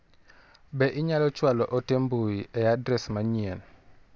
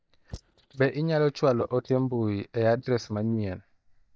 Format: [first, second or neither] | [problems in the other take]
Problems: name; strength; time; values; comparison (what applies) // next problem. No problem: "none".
first | noise reduction (neural mask model DeepFilterNet 3)